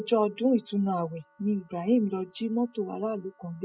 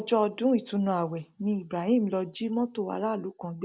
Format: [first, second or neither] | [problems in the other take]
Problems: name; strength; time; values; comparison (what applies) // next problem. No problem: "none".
second | noise reduction (classical method spectral subtraction)